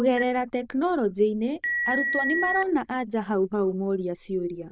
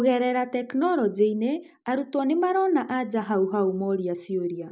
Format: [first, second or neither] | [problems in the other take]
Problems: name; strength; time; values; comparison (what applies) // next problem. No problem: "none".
second | noise reduction (neural diffusion model UNIVERSE++)